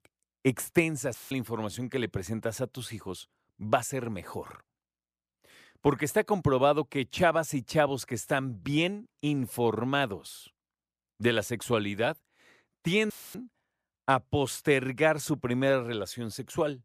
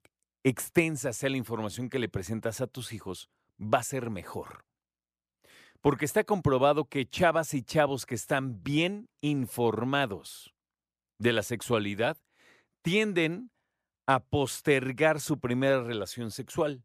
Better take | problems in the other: second | audio cutting out; filled with static; at 1 s and at 13 s

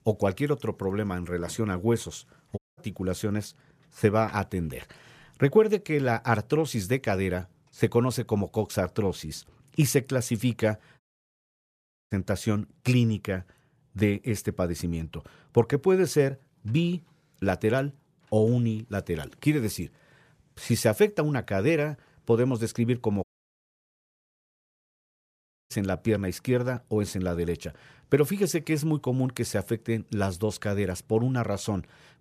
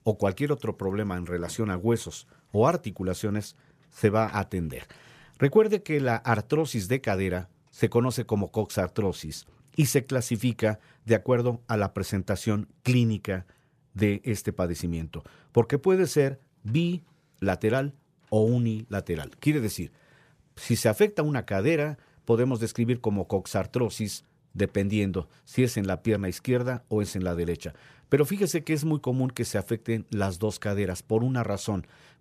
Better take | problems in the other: second | audio cutting out; at 2.5 s, at 11 s for 1 s and at 23 s for 2.5 s

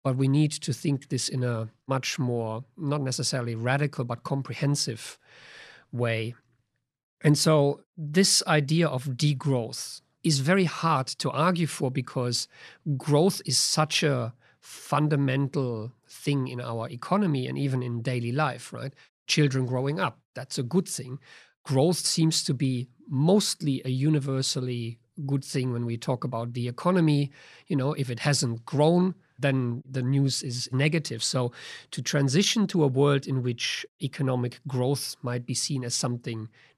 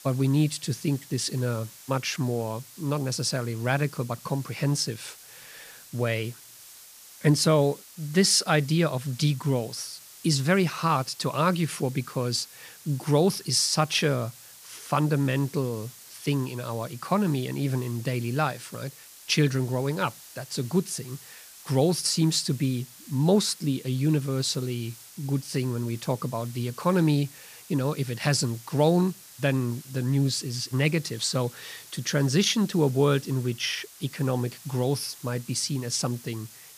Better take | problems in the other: first | hiss; noticeable; throughout; 20 dB below the speech

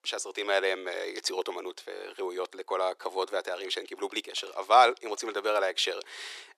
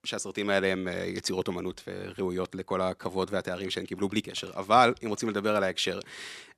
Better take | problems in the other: second | thin; very; fading below 350 Hz

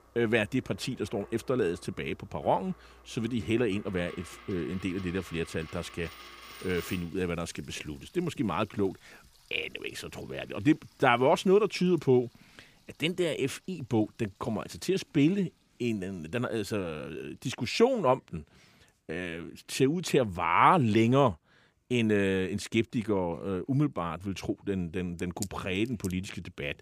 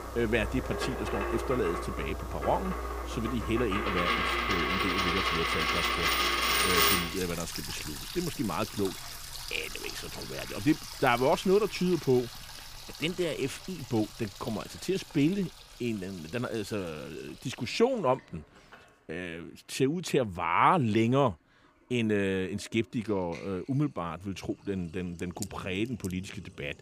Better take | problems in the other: first | household noises; loud; throughout; as loud as the speech; faint in the first

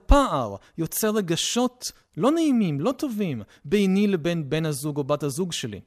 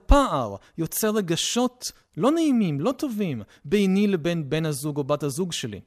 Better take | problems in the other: neither | none

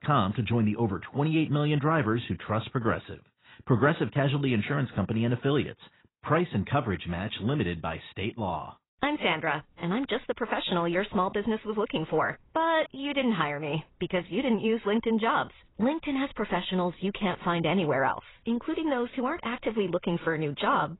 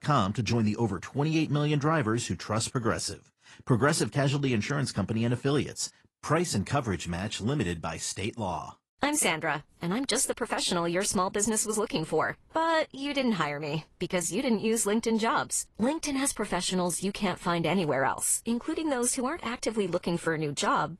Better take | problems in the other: second | garbled, watery; badly; nothing above 4 kHz; slightly in the second

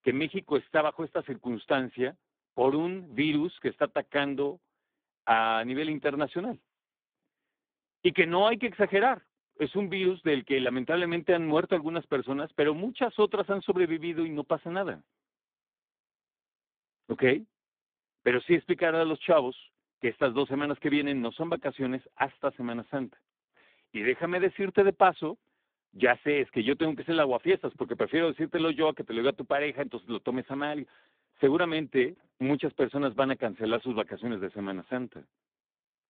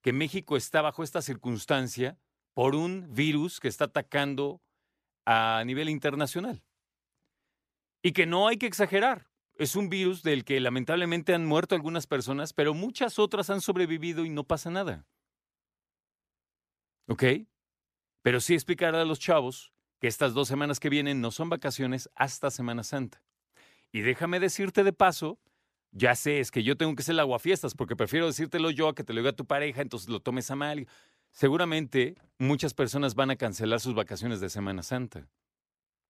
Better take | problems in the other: second | phone-call audio; poor line

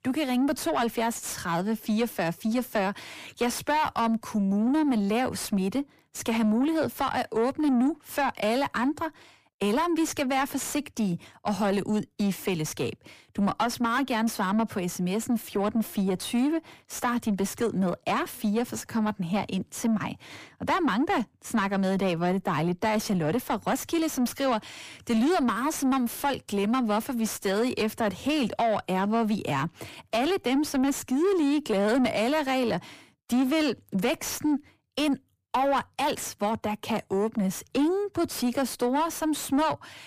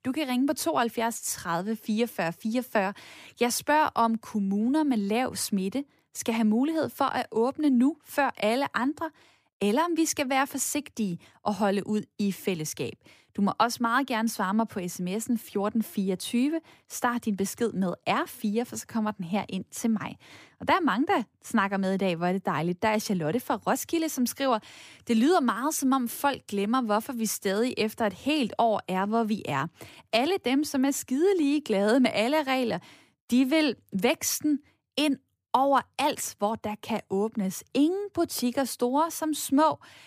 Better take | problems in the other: second | distortion; slight; 10 dB below the speech

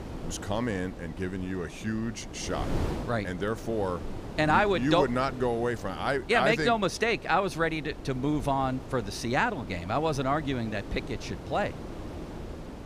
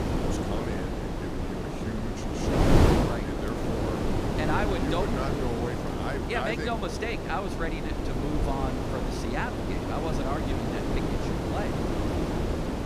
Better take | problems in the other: first | wind noise on the microphone; heavy; 2 dB above the speech; occasional gusts in the first

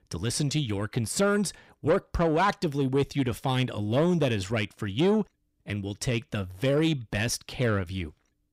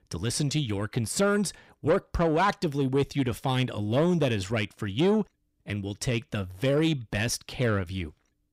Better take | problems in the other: neither | distortion; slight; 10 dB below the speech; the same in both

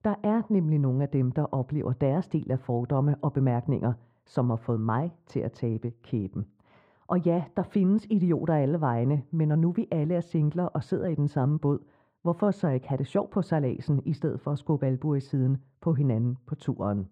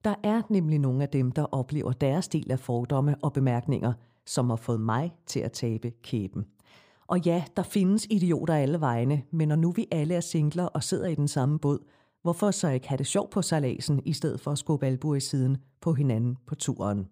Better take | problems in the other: second | muffled; very; fading above 4 kHz

